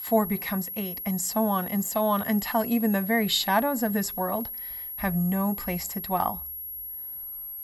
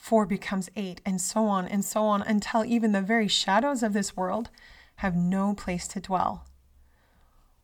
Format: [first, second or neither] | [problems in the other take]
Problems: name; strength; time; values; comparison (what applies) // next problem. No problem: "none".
second | high-pitched whine; loud; throughout; 11.5 kHz, 6 dB below the speech